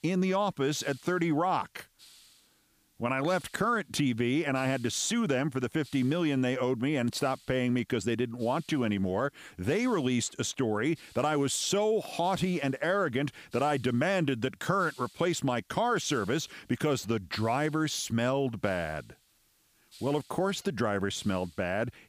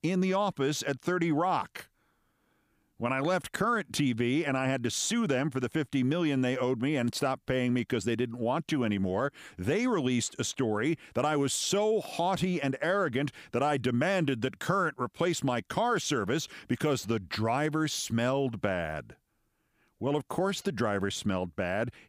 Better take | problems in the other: second | hiss; faint; throughout; 25 dB below the speech

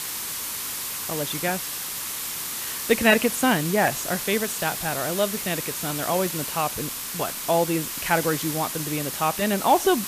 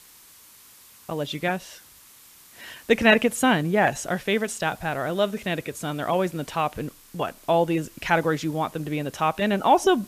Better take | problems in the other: second | hiss; loud; throughout; 4 dB below the speech; faint in the second

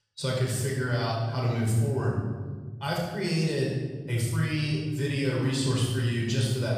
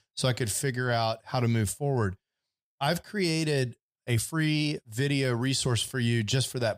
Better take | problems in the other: second | off-mic speech; far // room echo; strong; dies away in 1.8 s

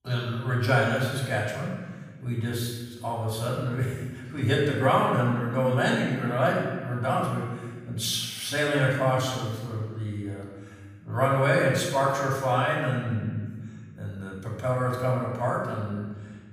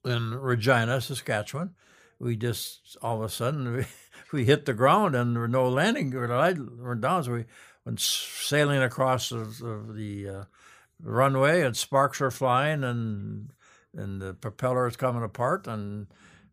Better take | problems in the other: second | off-mic speech; far // room echo; noticeable; dies away in 1.4 s

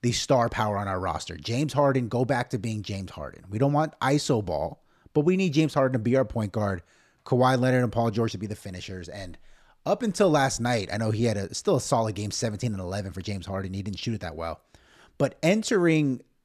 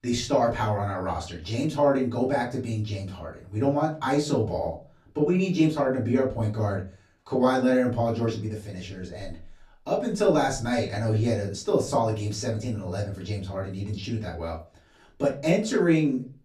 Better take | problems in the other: first | off-mic speech; far // room echo; slight; dies away in 0.3 s

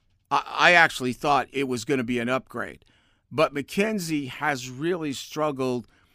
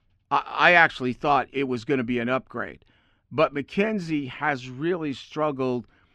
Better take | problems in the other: first | muffled; slightly; fading above 3 kHz

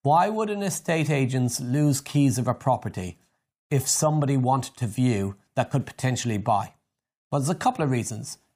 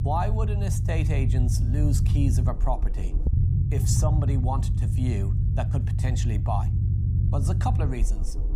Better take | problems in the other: first | low rumble; loud; throughout; 5 dB below the speech

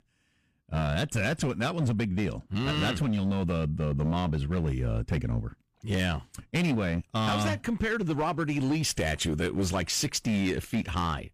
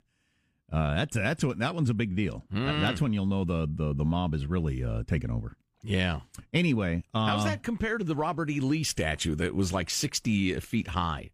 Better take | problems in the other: second | distortion; slight; 12% of the sound clipped

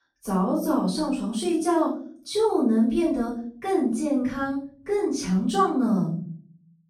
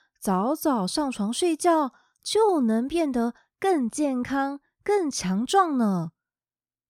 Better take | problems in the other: second | off-mic speech; far // room echo; noticeable; dies away in 0.7 s

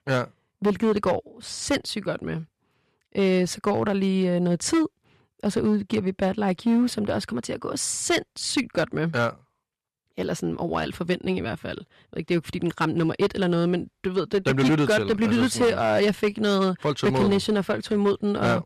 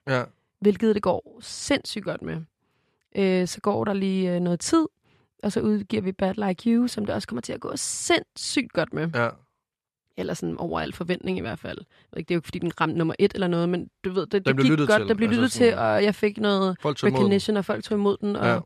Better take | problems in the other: second | distortion; slight; 6% of the sound clipped

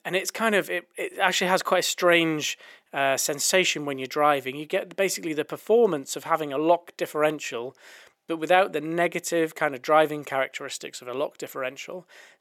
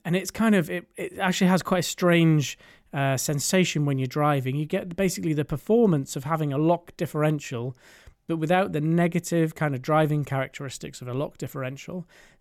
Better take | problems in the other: second | thin; very; fading below 450 Hz

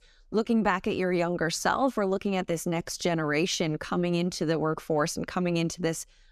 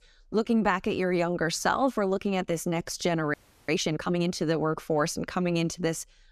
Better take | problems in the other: first | audio freezing; at 3.5 s

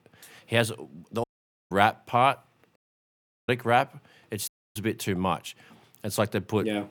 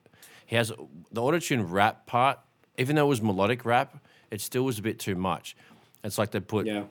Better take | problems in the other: second | audio cutting out; at 1 s, at 3 s for 0.5 s and at 4.5 s

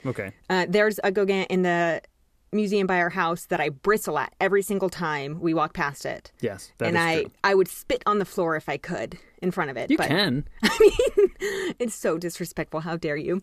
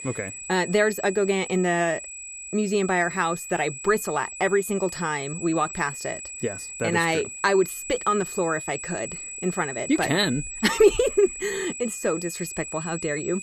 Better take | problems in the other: first | high-pitched whine; loud; throughout; 8 kHz, 9 dB below the speech

